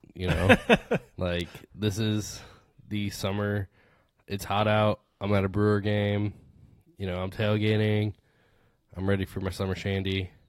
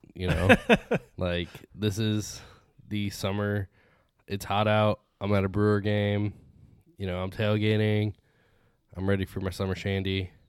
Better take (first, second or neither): second